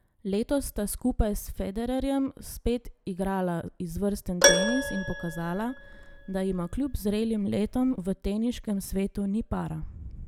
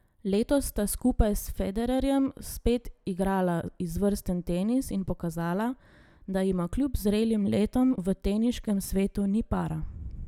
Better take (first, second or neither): second